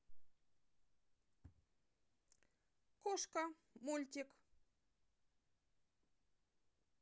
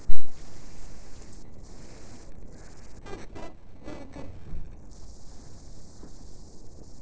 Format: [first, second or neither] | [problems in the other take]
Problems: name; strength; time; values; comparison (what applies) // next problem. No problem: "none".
first | noise reduction (neural separator model SepFormer DNS4)